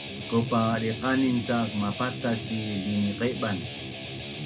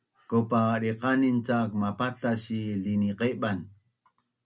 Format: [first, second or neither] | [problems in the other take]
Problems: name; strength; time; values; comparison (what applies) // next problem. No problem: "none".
second | background sound (Guitar); 8 dB below the speech